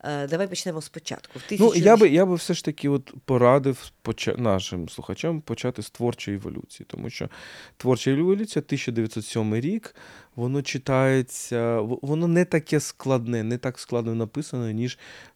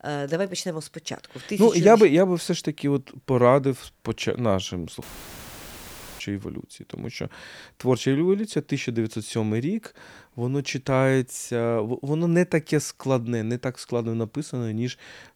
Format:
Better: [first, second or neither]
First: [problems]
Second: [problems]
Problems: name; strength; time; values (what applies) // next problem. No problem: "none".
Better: first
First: none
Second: audio cutting out; filled with static; at 5 s for 1 s